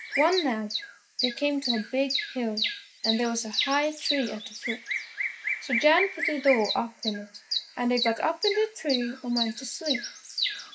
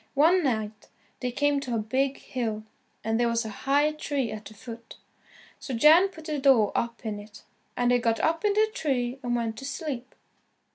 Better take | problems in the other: second | noise reduction (neural mask model Resemble Enhance denoiser)

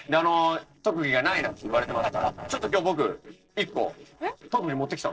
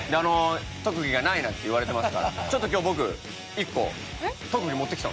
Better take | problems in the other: second | noise reduction (neural separator model SepFormer DNS4)

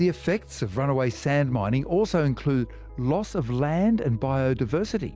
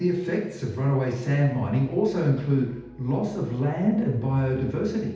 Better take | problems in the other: first | room echo; dies away in 0.8 s

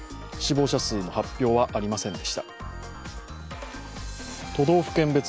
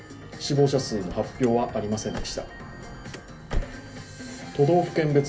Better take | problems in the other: first | background sound (Car); 11 dB below the speech // room echo; dies away in 0.3 s

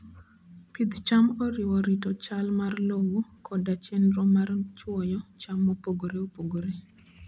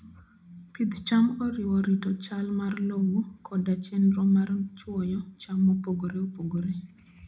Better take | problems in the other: first | room echo; dies away in 0.2 s

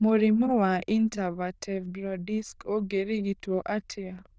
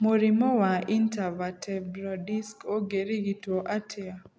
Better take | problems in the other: second | noise reduction (neural diffusion model UNIVERSE++)

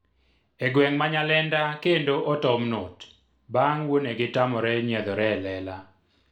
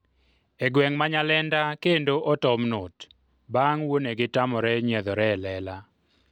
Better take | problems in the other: second | room echo; dies away in 0.4 s

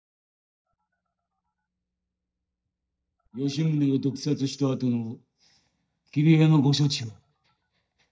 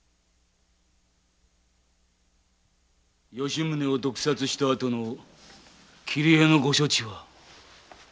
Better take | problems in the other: second | noise reduction (neural mask model DeepFilterNet 3)

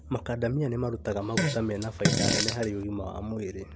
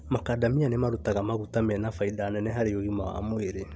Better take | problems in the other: second | background sound (Fart); 2 dB above the speech

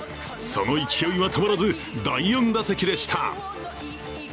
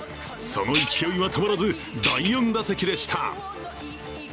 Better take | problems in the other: first | background sound (Tambourine); 5 dB below the speech

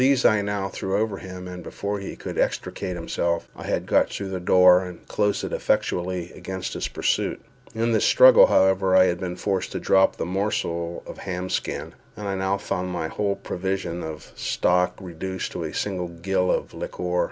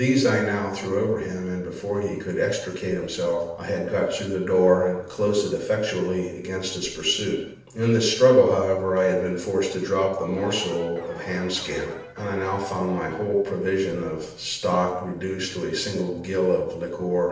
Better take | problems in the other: first | noise reduction (neural separator model SepFormer DNS4)

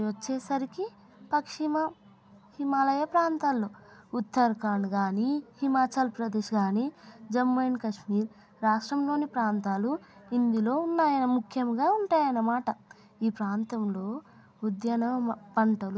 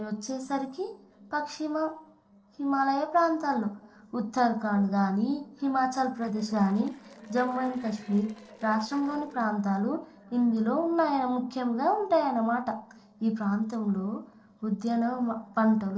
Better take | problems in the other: first | noise reduction (neural separator model SepFormer DNS4)

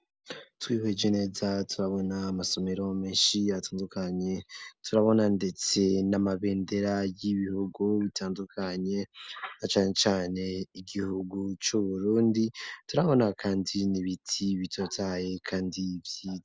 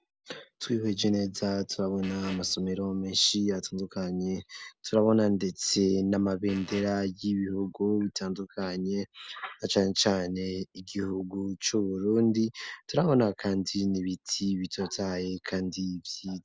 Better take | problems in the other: first | background sound (Fart); 16 dB below the speech

